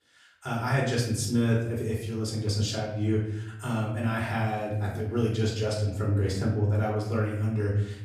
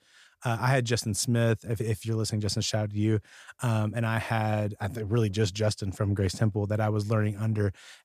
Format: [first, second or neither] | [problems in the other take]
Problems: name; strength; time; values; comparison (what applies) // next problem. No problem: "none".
second | room echo; noticeable; dies away in 0.8 s // off-mic speech; far